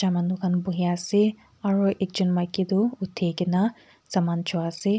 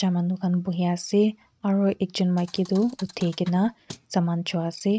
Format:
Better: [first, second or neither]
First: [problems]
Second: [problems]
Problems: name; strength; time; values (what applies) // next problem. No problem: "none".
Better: first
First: none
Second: noise reduction (neural mask model RNNoise)